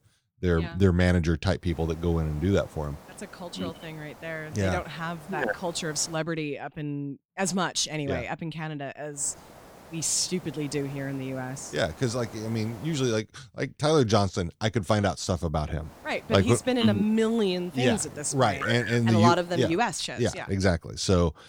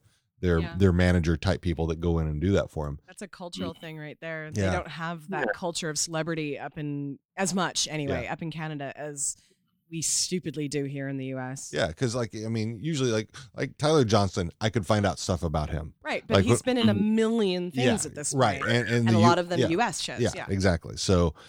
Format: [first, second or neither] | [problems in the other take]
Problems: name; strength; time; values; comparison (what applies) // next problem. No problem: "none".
second | hiss; faint; from 1.5 to 6 s, from 9 to 13 s and from 16 to 20 s; 20 dB below the speech